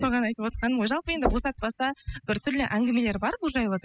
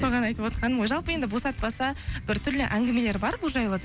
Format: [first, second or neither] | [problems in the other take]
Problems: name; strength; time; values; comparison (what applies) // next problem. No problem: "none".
second | noise reduction (classical method spectral subtraction)